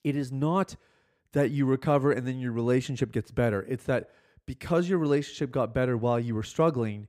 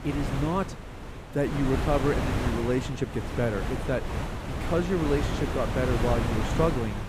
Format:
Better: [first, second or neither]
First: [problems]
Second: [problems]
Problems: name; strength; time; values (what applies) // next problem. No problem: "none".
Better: first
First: none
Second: wind noise on the microphone; heavy; 4 dB below the speech